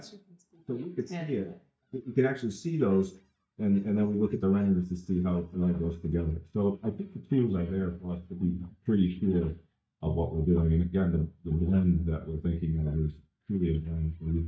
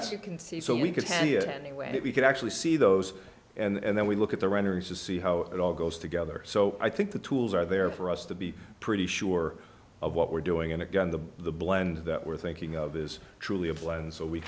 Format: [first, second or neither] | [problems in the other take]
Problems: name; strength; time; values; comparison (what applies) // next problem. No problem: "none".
second | noise reduction (neural mask model DeepFilterNet 3)